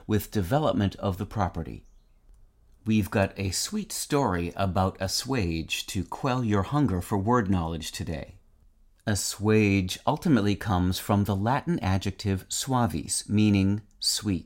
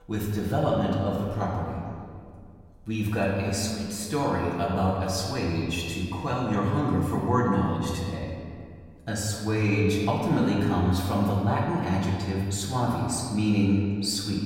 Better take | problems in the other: first | off-mic speech; far // room echo; noticeable; dies away in 1.9 s

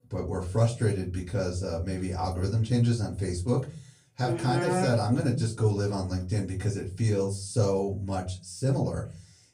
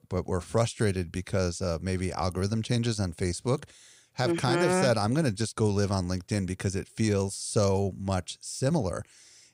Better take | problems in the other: second | off-mic speech; far // room echo; very slight; dies away in 0.5 s

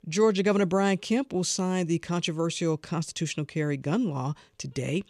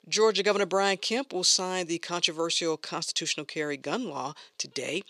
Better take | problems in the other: first | thin; somewhat; fading below 400 Hz

